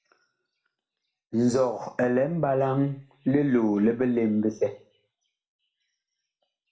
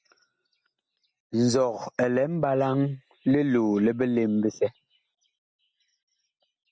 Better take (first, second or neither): second